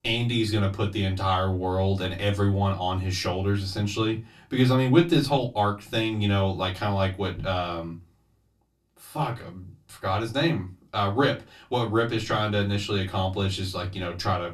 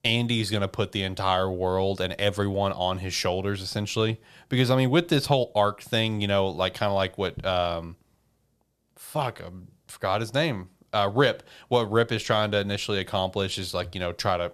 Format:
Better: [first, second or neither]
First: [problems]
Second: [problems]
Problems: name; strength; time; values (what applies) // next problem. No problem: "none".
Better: second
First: off-mic speech; far // room echo; very slight; dies away in 0.2 s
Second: none